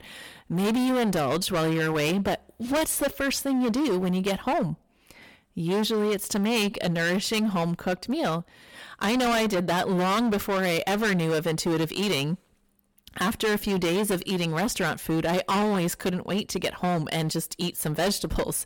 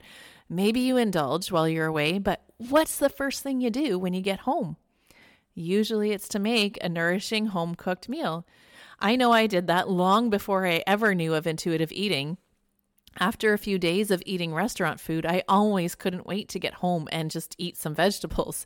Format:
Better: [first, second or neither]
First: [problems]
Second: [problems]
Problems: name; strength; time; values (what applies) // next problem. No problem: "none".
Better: second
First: distortion; heavy; 22% of the sound clipped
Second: none